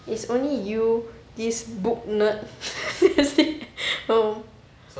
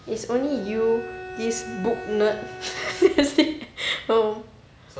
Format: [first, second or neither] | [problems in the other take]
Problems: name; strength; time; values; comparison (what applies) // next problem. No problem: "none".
first | background sound (Bowed string instrument); 14 dB below the speech